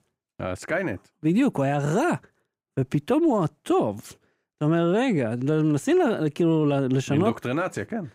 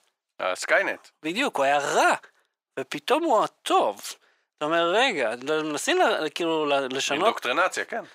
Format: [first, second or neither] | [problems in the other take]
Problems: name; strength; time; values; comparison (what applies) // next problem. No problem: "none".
first | thin; very; fading below 750 Hz